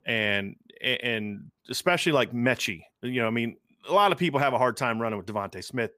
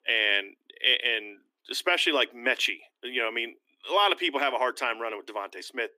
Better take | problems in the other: first | thin; somewhat; fading below 300 Hz

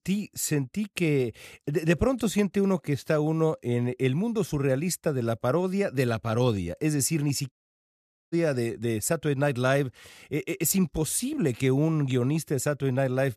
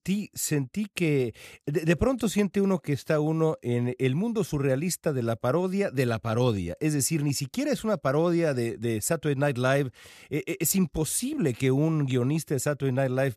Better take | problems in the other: second | audio cutting out; at 7.5 s for 1 s

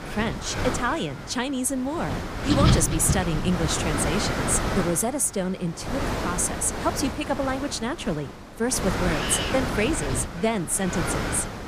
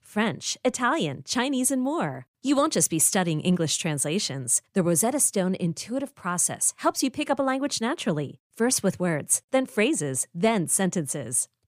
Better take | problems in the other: second | wind noise on the microphone; heavy; 2 dB below the speech

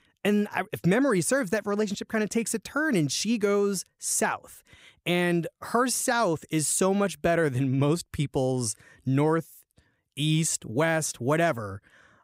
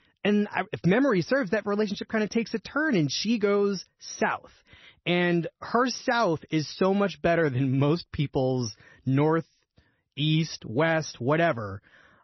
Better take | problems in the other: first | garbled, watery; slightly; nothing above 6 kHz

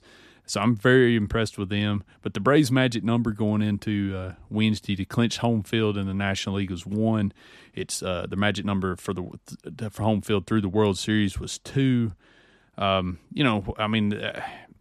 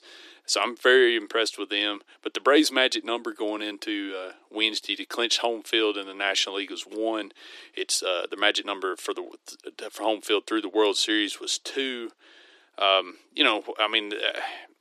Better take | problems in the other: first | thin; very; fading below 300 Hz

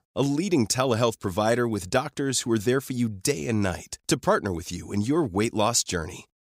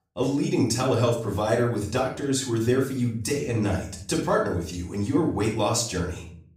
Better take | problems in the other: first | off-mic speech; far // room echo; noticeable; dies away in 0.5 s

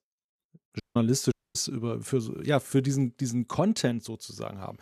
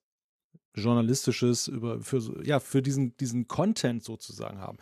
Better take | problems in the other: second | audio cutting out; at 1 s and at 1.5 s

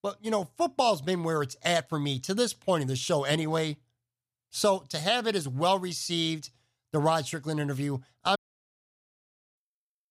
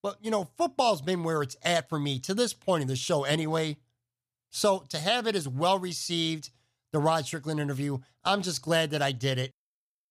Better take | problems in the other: second | audio cutting out; at 8.5 s for 1 s

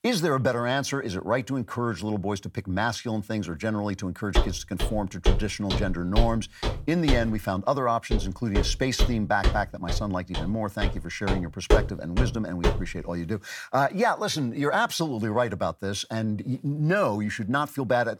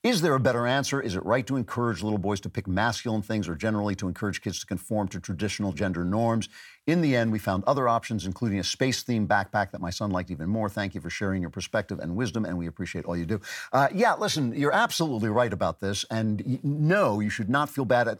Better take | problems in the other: second | footsteps; loud; from 4.5 to 13 s; peak 3 dB above the speech

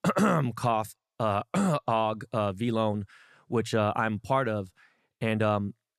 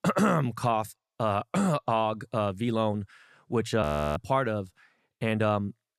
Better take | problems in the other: first | audio freezing; at 4 s

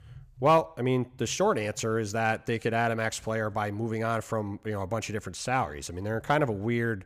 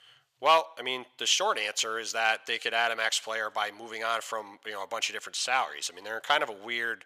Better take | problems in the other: first | thin; very; fading below 800 Hz

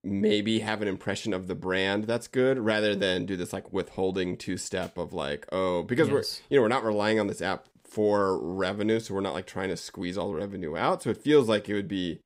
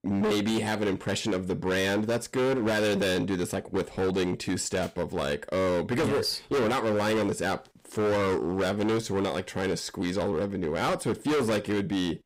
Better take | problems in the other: first | distortion; heavy; 22% of the sound clipped

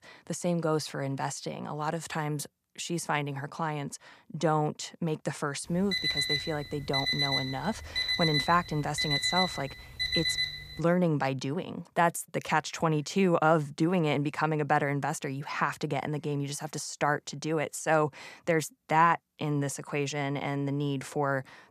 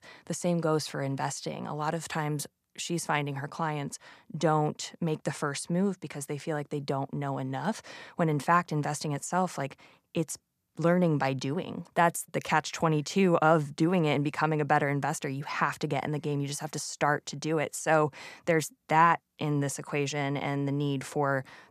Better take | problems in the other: second | alarm; loud; from 6 to 11 s; peak 4 dB above the speech

